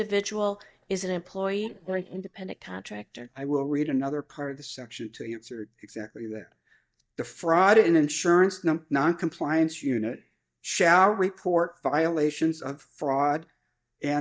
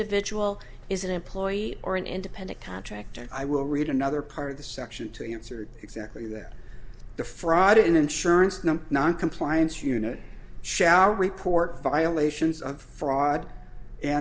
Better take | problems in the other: second | noise reduction (neural mask model DeepFilterNet 3)

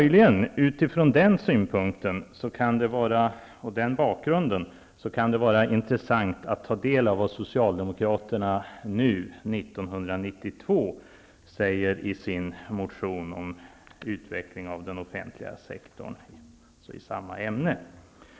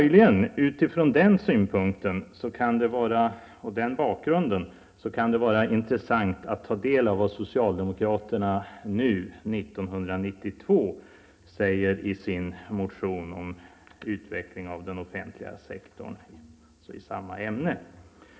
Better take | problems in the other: first | room echo; dies away in 0.3 s

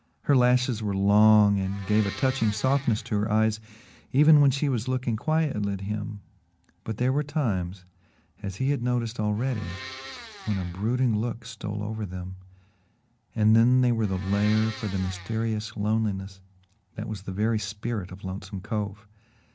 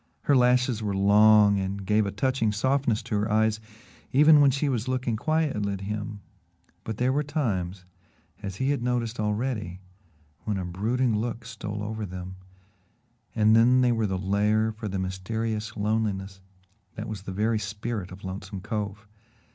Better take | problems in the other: second | background sound (Domestic sounds, home sounds); 16 dB below the speech

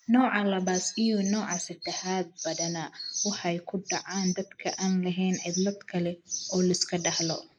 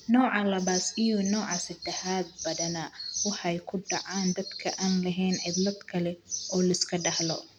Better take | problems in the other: second | noise reduction (neural mask model Resemble Enhance denoiser)

